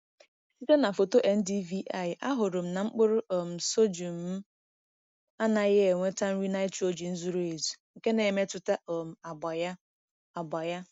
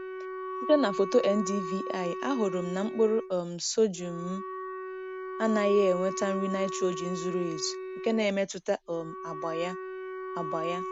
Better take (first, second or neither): first